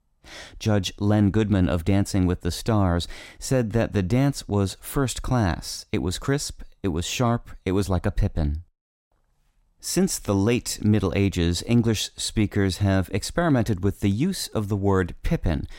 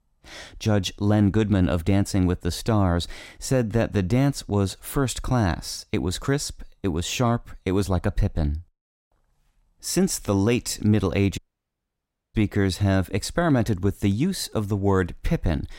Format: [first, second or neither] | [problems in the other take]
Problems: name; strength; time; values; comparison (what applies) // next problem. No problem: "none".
first | audio cutting out; at 11 s for 1 s